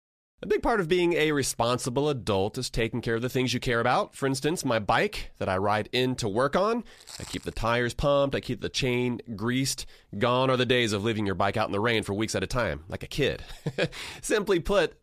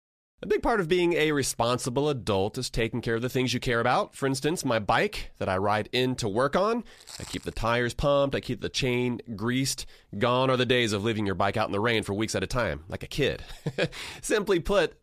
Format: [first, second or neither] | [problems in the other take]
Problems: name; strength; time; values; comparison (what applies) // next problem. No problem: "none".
neither | footsteps; faint; at 7 s; peak 15 dB below the speech; the same in both